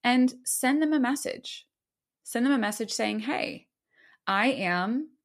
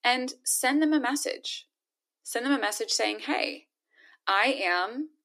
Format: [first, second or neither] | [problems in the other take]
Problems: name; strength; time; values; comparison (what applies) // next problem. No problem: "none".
first | thin; very slightly; fading below 300 Hz